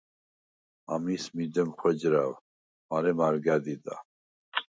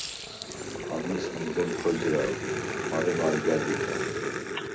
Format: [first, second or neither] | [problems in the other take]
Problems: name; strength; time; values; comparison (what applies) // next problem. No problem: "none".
first | background sound (Growling); as loud as the speech // room echo; dies away in 0.3 s